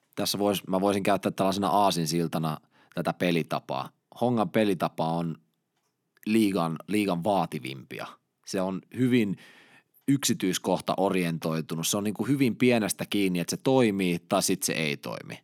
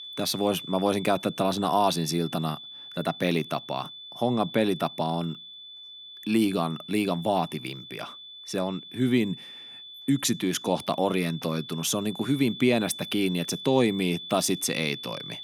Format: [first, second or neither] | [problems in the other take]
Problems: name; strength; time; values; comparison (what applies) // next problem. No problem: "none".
first | high-pitched whine; noticeable; throughout; 3.5 kHz, 15 dB below the speech